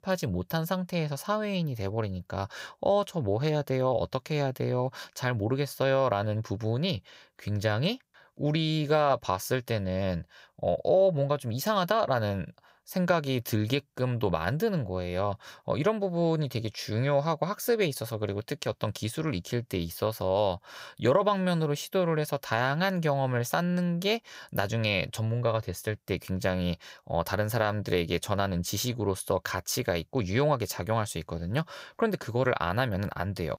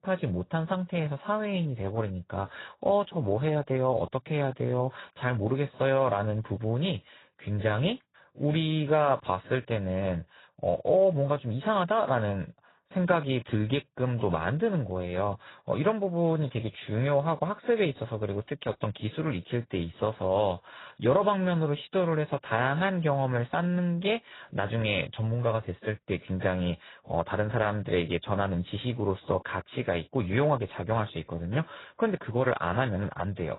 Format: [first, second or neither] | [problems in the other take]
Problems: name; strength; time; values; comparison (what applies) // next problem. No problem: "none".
first | garbled, watery; badly; nothing above 4 kHz